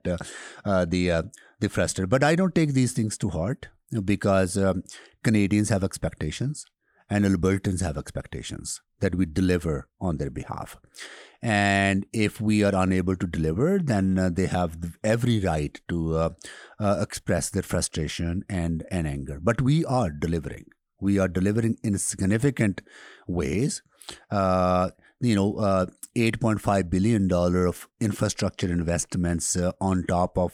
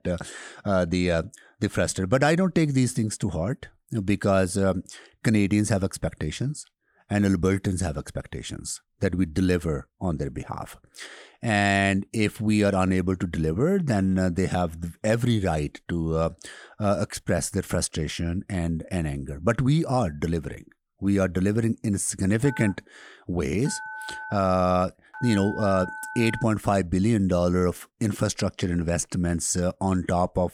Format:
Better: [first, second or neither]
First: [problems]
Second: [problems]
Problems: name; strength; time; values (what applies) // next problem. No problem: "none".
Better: first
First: none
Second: phone ringing; faint; from 22 to 26 s; peak 10 dB below the speech